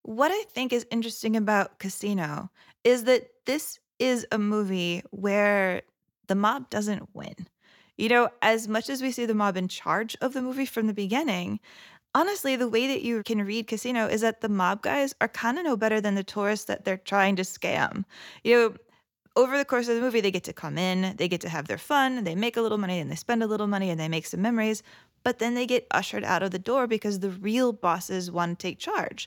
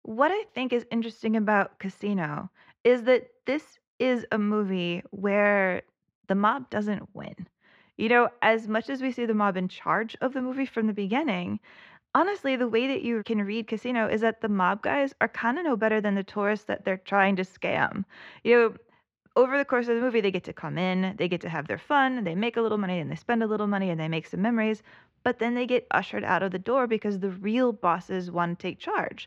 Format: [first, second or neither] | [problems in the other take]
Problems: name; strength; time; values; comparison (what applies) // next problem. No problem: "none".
first | muffled; slightly; fading above 2 kHz